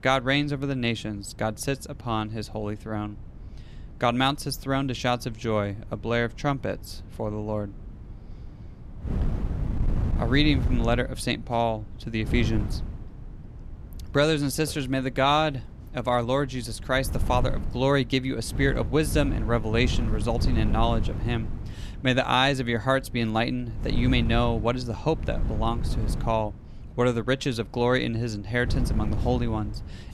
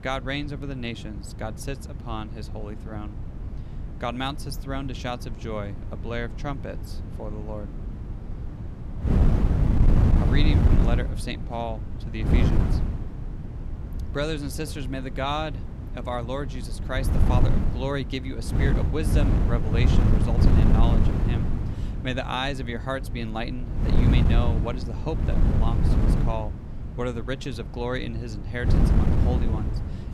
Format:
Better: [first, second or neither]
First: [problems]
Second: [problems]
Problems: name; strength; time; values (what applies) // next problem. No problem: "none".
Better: first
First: wind noise on the microphone; occasional gusts; 15 dB below the speech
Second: wind noise on the microphone; heavy; 3 dB below the speech